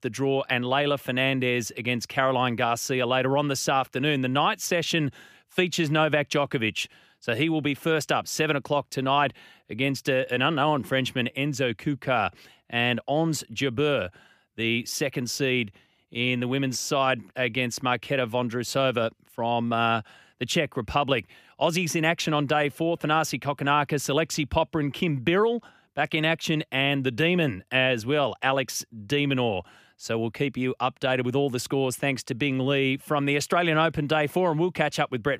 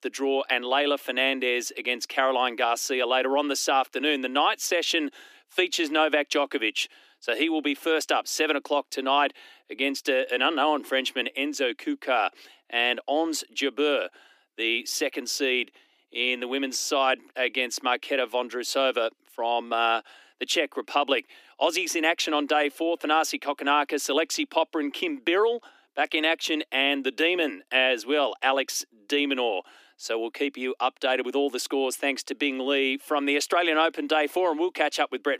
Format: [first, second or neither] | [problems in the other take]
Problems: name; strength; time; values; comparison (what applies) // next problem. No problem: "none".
first | thin; very slightly; fading below 300 Hz